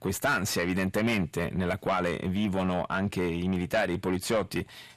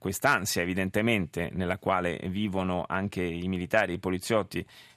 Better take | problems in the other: second | distortion; heavy; 7 dB below the speech

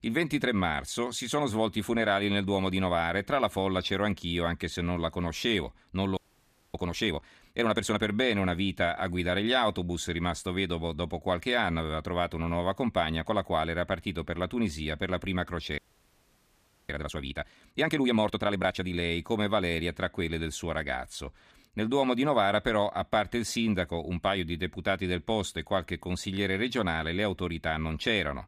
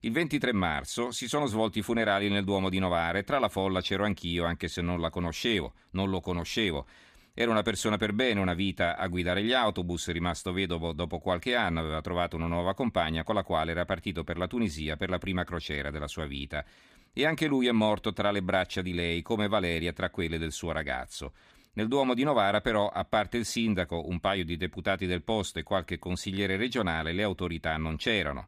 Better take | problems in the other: second | audio freezing; at 6 s for 0.5 s and at 16 s for 1 s

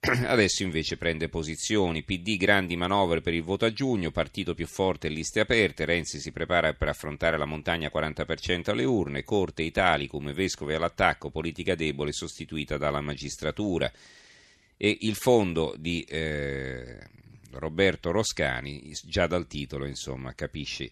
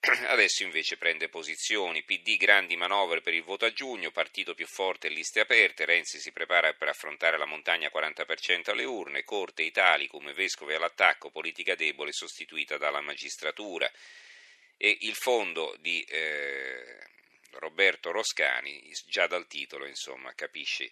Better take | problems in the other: first | thin; very; fading below 450 Hz

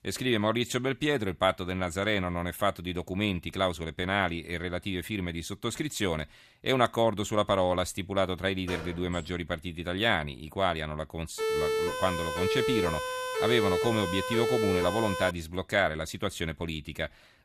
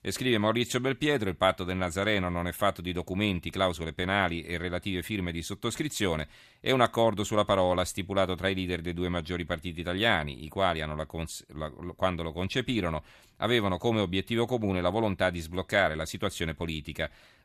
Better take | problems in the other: second | door banging; noticeable; at 8.5 s; peak 10 dB below the speech // siren; loud; from 11 to 15 s; peak 2 dB above the speech

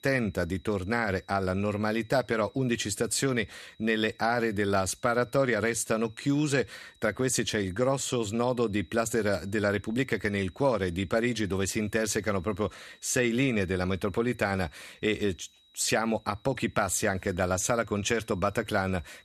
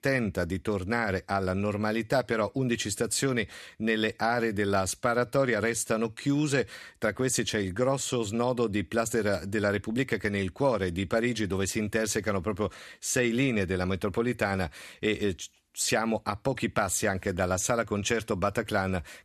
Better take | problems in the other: second | high-pitched whine; faint; throughout; 4 kHz, 30 dB below the speech

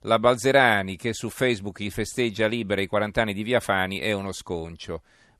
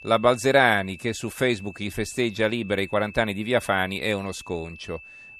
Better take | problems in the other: first | high-pitched whine; noticeable; throughout; 2.5 kHz, 20 dB below the speech

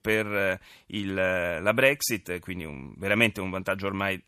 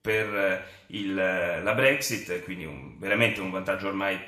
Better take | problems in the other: first | room echo; slight; dies away in 0.6 s

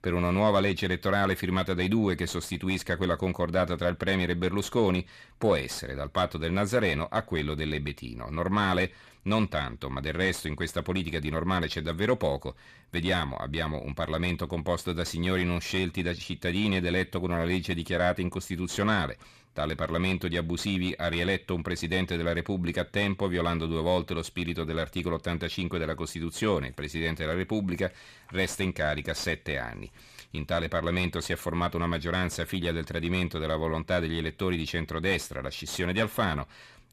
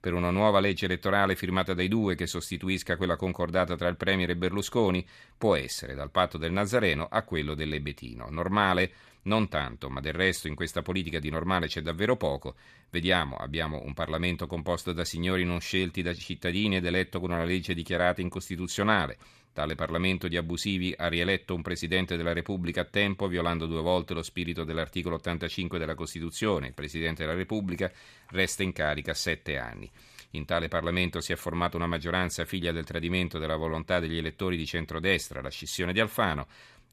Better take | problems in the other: second | distortion; slight; 10 dB below the speech

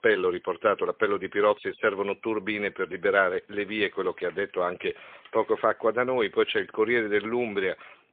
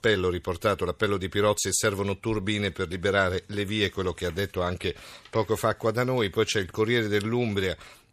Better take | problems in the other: second | phone-call audio; poor line

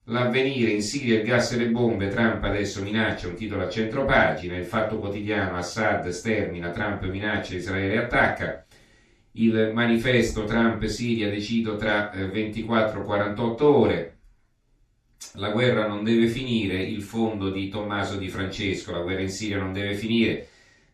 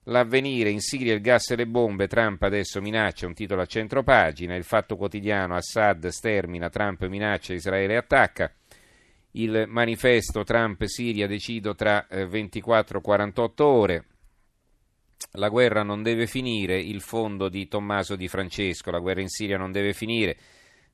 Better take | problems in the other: second | room echo; noticeable; dies away in 0.3 s // off-mic speech; far

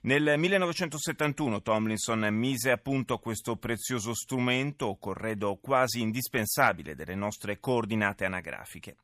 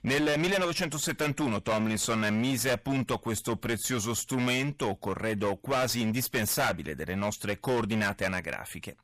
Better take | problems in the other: first | distortion; heavy; 18% of the sound clipped

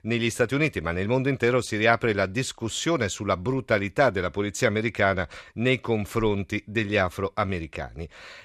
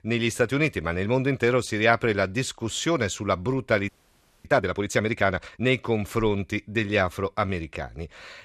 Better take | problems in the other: first | audio freezing; at 4 s for 0.5 s

